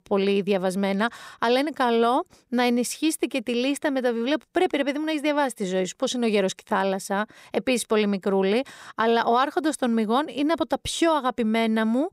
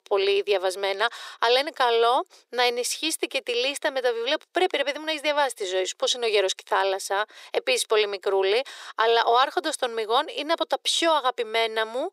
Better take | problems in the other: first | thin; very; fading below 400 Hz

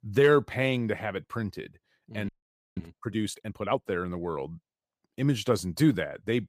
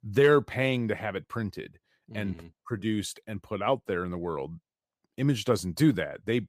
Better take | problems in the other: second | audio freezing; at 2.5 s

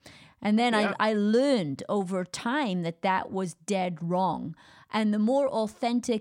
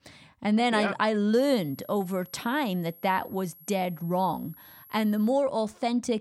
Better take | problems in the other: first | high-pitched whine; faint; from 1.5 to 5.5 s; 11.5 kHz, 20 dB below the speech

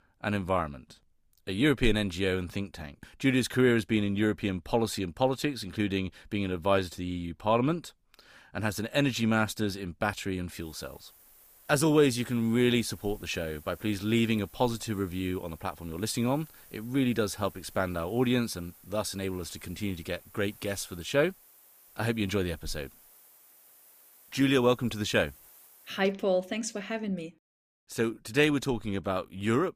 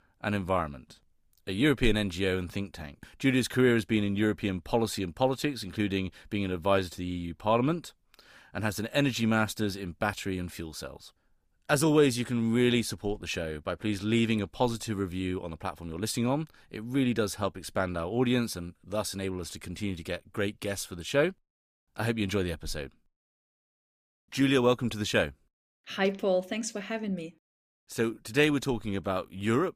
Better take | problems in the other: second | hiss; faint; from 11 to 26 s; 25 dB below the speech

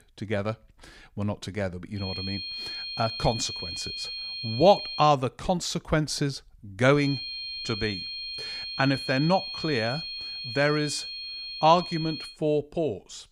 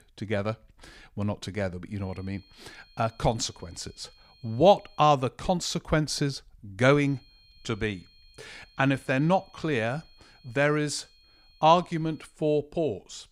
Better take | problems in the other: second | high-pitched whine; loud; from 2 to 5 s and from 7 to 12 s; 4.5 kHz, 7 dB below the speech; faint in the second

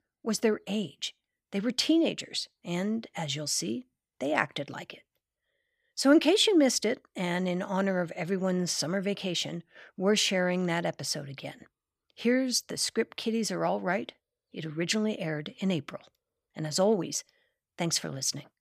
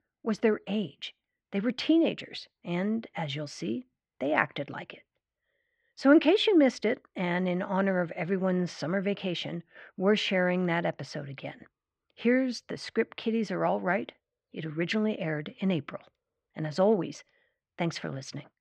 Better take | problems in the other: first | muffled; slightly; fading above 2.5 kHz

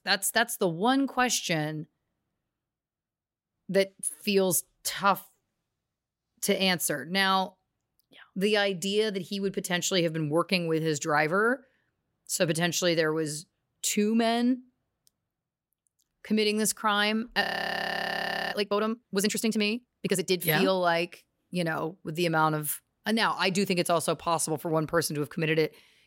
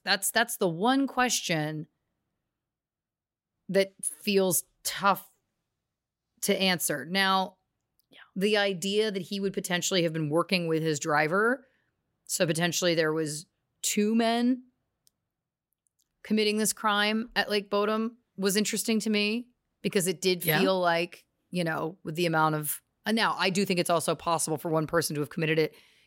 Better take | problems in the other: second | audio freezing; at 17 s for 1 s

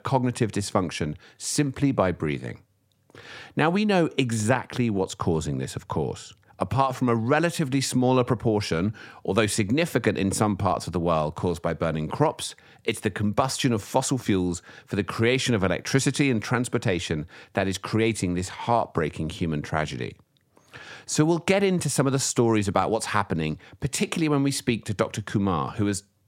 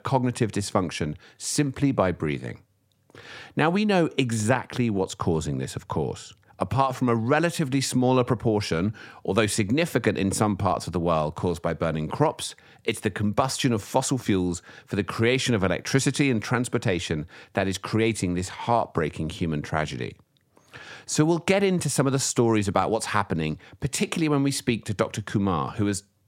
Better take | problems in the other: neither | none

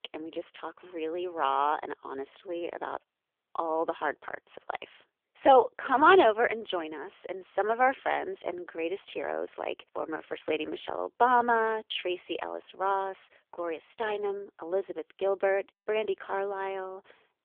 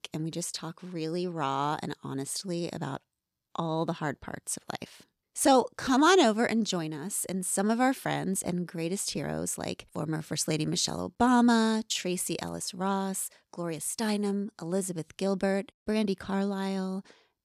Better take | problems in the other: second | phone-call audio; poor line; nothing above 3.5 kHz

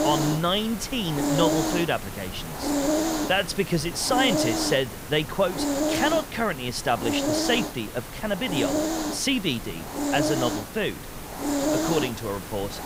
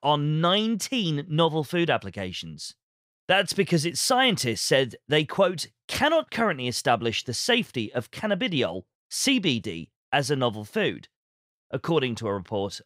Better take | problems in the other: second | hiss; loud; throughout; 2 dB below the speech

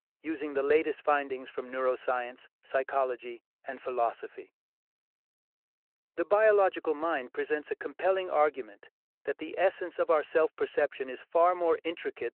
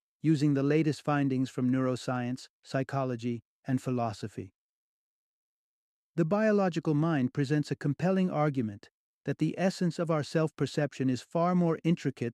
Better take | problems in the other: second | phone-call audio

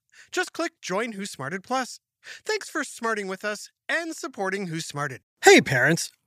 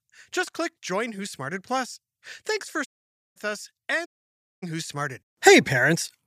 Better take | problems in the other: first | audio cutting out; at 3 s for 0.5 s and at 4 s for 0.5 s

